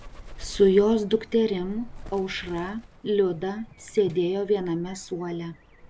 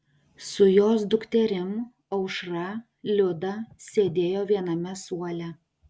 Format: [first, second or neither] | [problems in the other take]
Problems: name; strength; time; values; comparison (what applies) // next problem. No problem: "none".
second | background sound (Bird); 18 dB below the speech